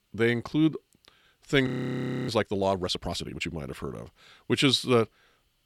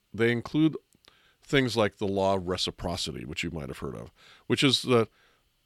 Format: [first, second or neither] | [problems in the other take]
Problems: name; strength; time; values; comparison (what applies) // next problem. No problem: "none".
second | audio freezing; at 1.5 s for 0.5 s